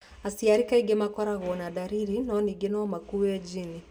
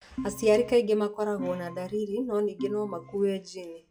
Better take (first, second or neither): first